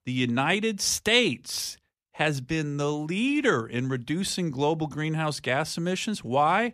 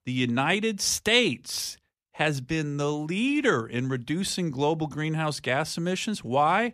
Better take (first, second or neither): neither